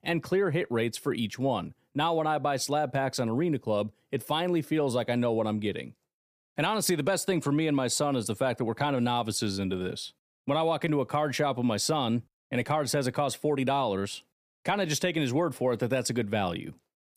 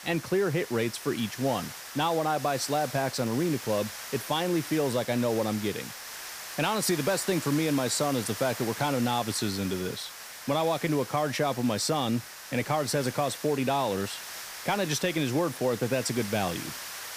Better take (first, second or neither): first